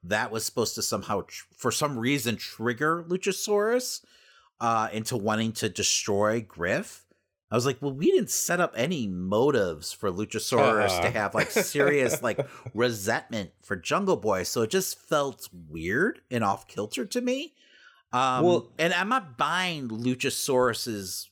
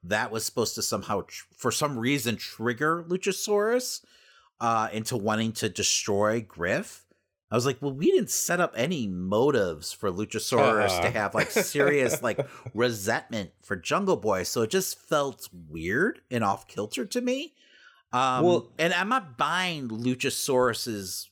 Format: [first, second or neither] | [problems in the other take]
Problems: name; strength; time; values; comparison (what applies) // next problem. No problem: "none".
neither | none